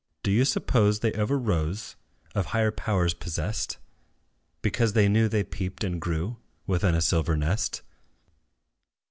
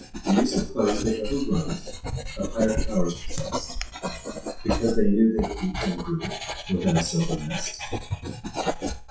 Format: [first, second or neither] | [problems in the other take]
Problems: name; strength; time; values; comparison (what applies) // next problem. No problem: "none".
first | noise reduction (classical method WPE with log-MMSE)